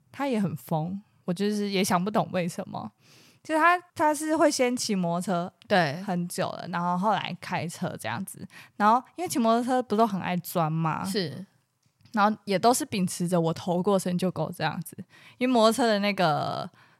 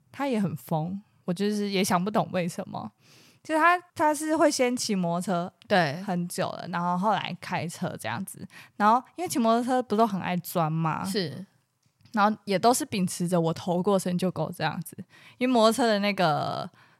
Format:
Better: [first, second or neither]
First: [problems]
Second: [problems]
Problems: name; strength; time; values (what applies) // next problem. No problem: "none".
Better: neither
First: none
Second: none